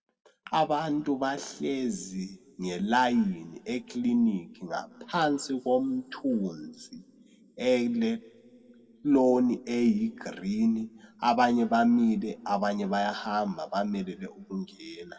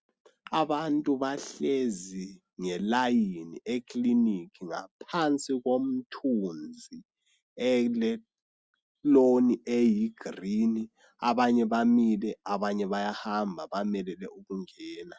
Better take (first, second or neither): second